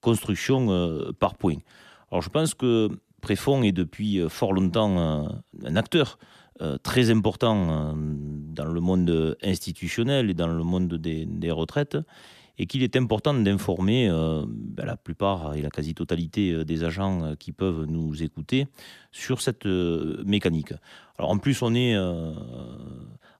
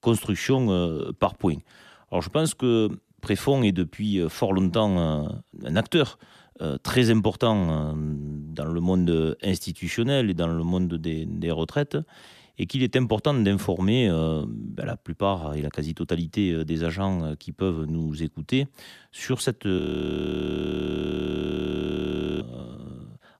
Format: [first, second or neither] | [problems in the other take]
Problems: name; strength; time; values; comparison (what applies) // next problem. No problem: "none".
first | audio freezing; at 20 s for 2.5 s